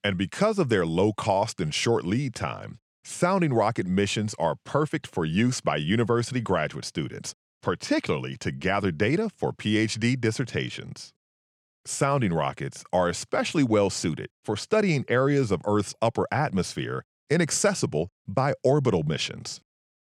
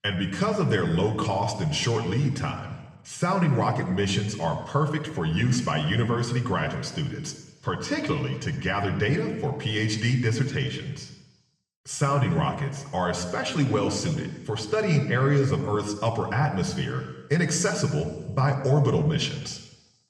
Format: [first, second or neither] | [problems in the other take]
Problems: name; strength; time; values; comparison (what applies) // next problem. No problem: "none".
first | room echo; slight; dies away in 1.1 s // off-mic speech; somewhat distant